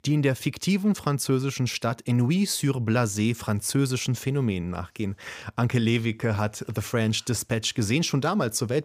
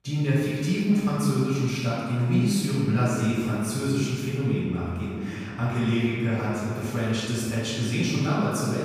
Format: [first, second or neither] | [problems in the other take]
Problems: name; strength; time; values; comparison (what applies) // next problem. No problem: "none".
first | off-mic speech; far // room echo; strong; dies away in 2.1 s